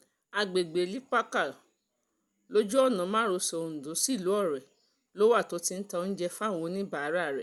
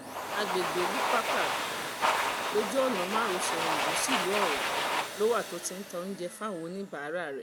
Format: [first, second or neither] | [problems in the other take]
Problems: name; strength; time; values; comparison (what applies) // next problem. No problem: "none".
first | background sound (Domestic sounds, home sounds); 2 dB above the speech